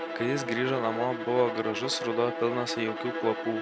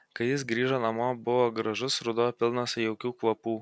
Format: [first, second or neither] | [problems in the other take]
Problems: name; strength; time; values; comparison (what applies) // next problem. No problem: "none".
second | background sound (Bowed string instrument); 5 dB below the speech